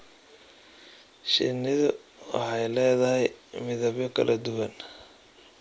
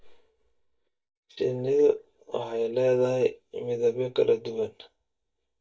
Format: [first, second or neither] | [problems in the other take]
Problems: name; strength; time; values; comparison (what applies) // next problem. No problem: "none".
first | noise reduction (neural mask model DeepFilterNet 3)